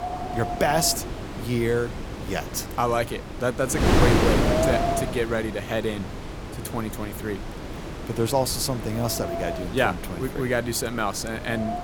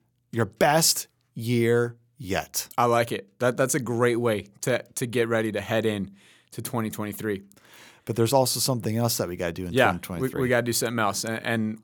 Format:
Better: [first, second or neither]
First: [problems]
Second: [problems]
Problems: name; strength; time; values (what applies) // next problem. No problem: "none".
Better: second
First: wind noise on the microphone; heavy; 3 dB below the speech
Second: none